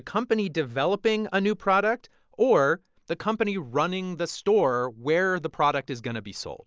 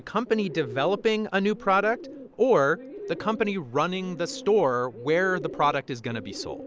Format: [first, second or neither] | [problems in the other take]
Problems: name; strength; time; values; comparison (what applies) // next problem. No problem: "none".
first | background sound (Bird); 15 dB below the speech